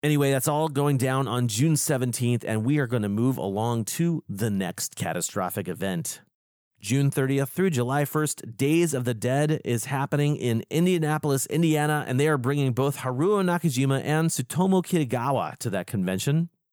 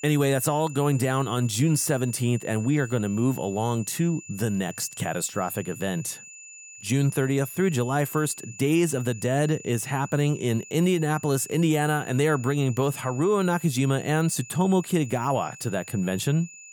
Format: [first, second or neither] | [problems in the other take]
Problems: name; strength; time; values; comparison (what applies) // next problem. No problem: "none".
first | high-pitched whine; noticeable; throughout; 7 kHz, 15 dB below the speech